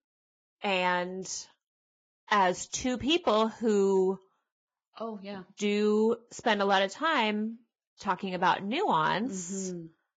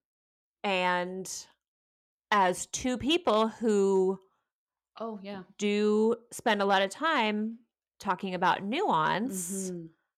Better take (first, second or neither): second